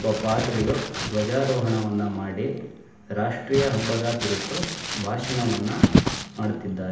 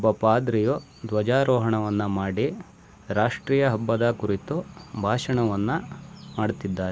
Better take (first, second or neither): second